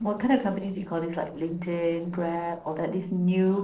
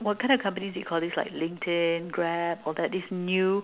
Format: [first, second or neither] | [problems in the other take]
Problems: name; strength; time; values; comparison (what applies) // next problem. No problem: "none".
second | noise reduction (neural separator model SepFormer DNS4)